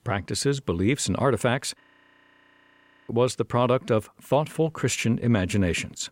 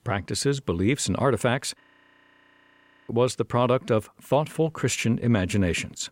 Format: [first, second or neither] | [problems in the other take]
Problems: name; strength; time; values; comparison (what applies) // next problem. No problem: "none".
neither | audio freezing; at 2 s for 1.5 s; the same in both